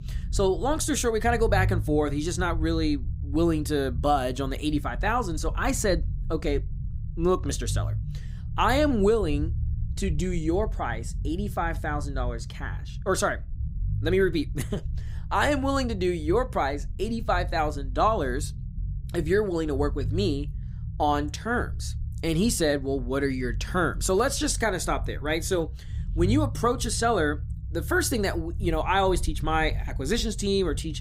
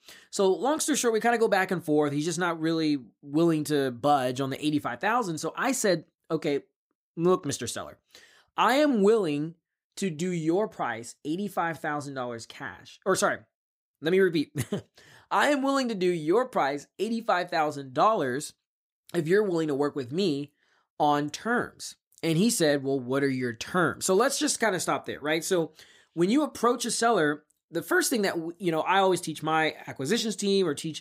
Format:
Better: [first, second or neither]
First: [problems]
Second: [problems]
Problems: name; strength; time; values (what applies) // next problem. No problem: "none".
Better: second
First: low rumble; faint; throughout; 20 dB below the speech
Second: none